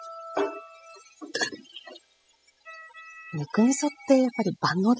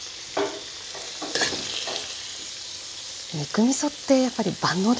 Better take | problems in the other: second | noise reduction (classical method spectral subtraction)

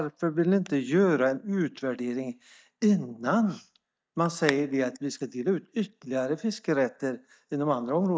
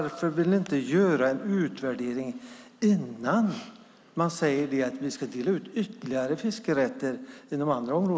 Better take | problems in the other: second | noise reduction (neural mask model DeepFilterNet 3)

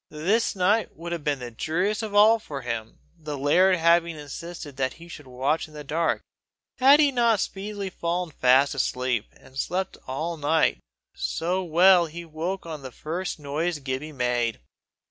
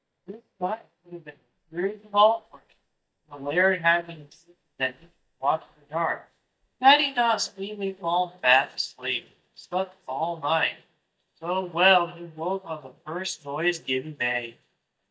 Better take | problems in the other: first | noise reduction (neural mask model DeepFilterNet 3)

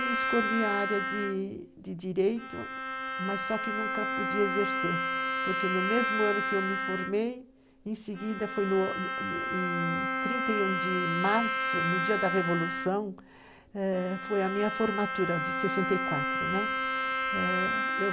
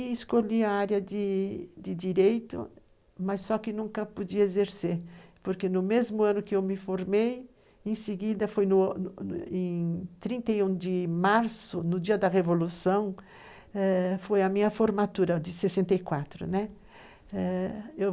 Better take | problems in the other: second | background sound (Bowed string instrument); as loud as the speech

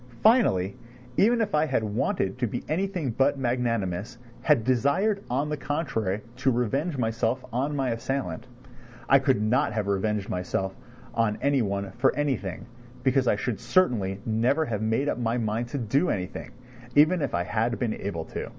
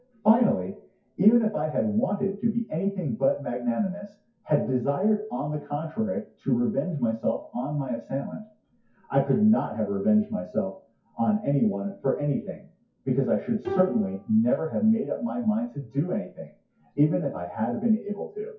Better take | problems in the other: first | noise reduction (classical method WPE with log-MMSE)

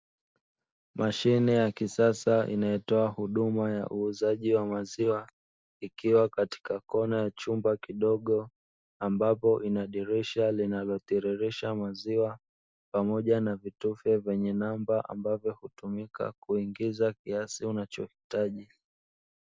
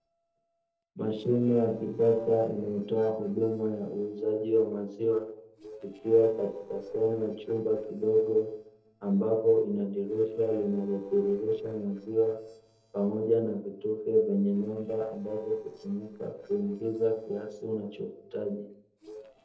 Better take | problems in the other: first | noise reduction (neural separator model SepFormer DNS4)

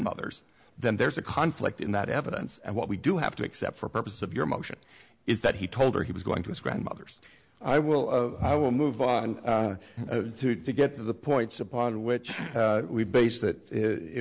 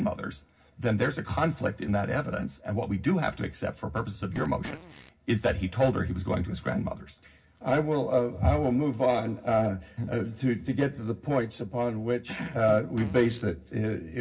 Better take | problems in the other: first | background sound (Fart); 15 dB below the speech // room echo; dies away in 0.4 s

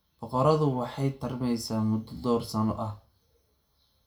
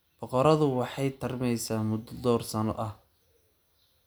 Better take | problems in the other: second | room echo; dies away in 0.2 s

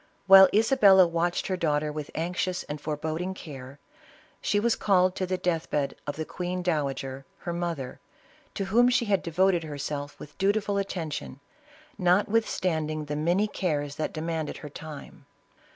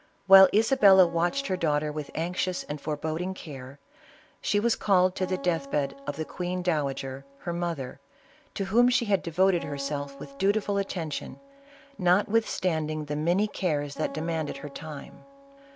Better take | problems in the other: first | background sound (Acoustic guitar); 19 dB below the speech

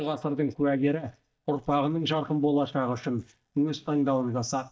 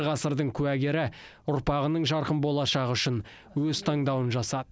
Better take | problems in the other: second | noise reduction (neural mask model DeepFilterNet 3)

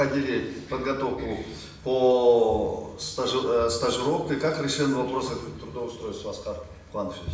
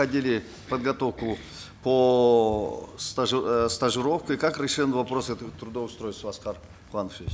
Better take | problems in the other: second | room echo; dies away in 0.8 s

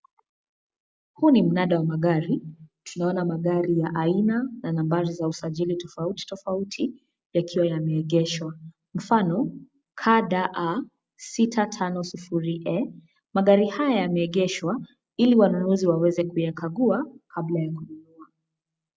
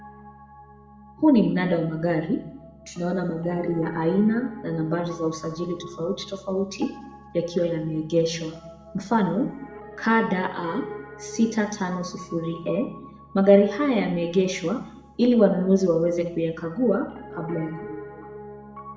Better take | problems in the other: first | background sound (Piano); 17 dB below the speech // room echo; dies away in 0.7 s

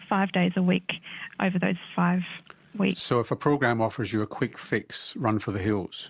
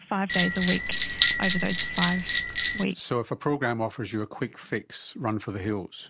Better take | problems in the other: first | background sound (Bell); 2 dB above the speech

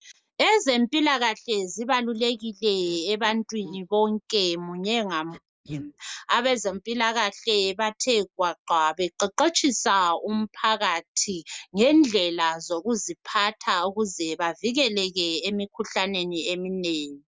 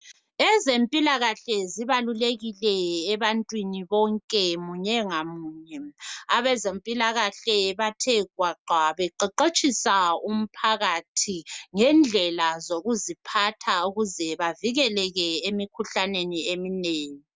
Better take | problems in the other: second | noise reduction (neural mask model Resemble Enhance denoiser)

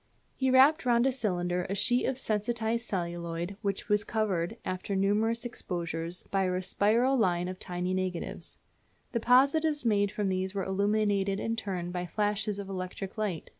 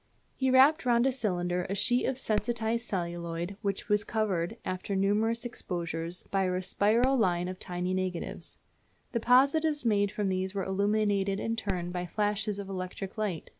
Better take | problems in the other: first | background sound (Fireworks); 16 dB below the speech

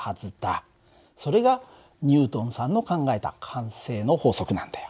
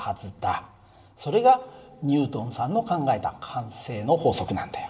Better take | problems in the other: first | room echo; dies away in 1.8 s

